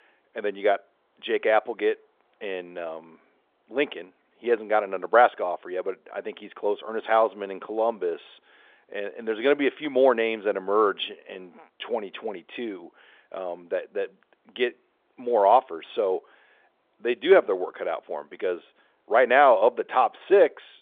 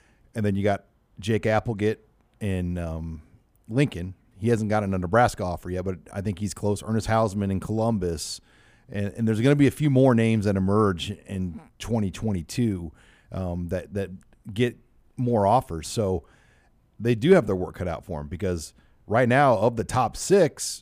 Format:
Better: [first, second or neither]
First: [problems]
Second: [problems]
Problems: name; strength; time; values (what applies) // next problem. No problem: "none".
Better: second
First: phone-call audio; nothing above 3.5 kHz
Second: none